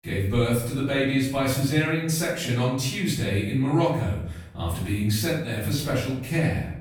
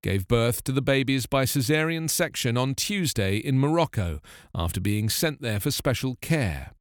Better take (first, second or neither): second